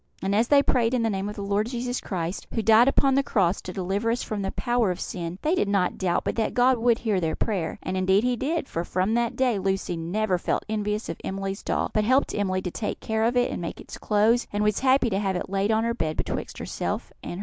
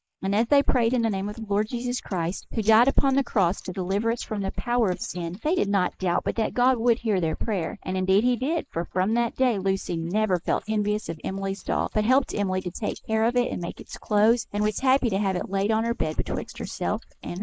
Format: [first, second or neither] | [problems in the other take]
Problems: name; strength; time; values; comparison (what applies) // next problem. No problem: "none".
first | noise reduction (neural mask model Resemble Enhance denoiser)